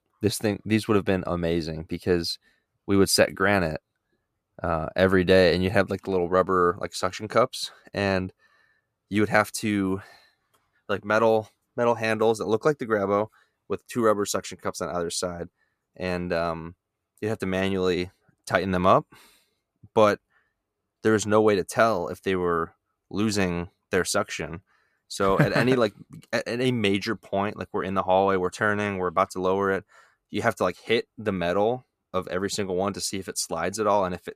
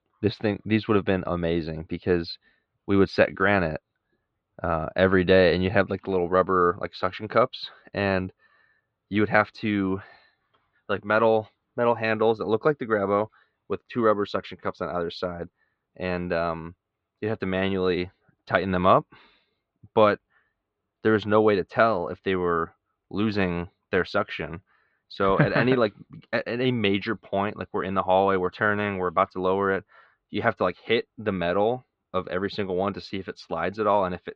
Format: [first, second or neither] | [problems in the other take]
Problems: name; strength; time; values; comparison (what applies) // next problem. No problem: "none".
first | muffled; slightly; fading above 3.5 kHz